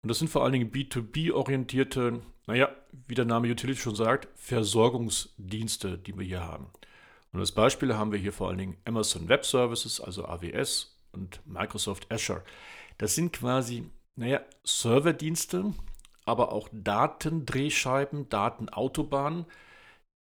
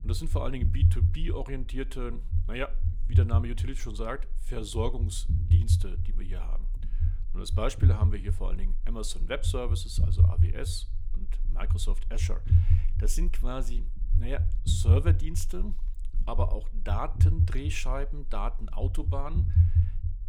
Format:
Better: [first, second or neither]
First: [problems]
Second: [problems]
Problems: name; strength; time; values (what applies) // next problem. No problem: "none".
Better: first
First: none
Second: low rumble; loud; throughout; 5 dB below the speech